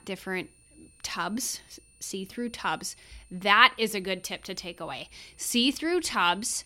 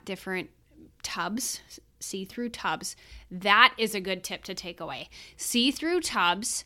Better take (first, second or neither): second